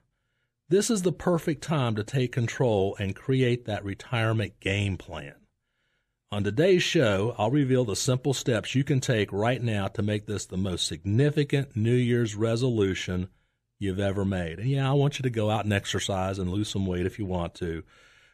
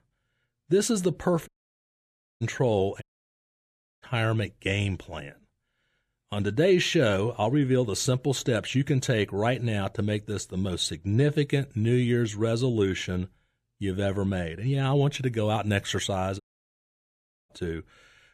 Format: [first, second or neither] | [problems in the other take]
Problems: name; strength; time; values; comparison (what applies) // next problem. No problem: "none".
first | audio cutting out; at 1.5 s for 1 s, at 3 s for 1 s and at 16 s for 1 s